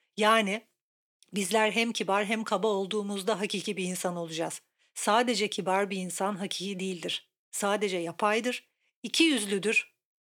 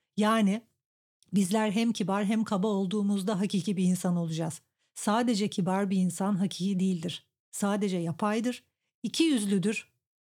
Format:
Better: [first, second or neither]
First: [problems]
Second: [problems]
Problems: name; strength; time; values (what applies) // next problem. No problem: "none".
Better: second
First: thin; somewhat; fading below 400 Hz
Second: none